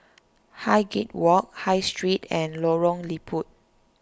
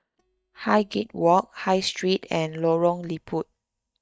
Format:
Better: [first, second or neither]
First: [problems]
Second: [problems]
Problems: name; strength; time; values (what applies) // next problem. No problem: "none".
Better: first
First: none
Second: noise reduction (neural mask model DeepFilterNet 3)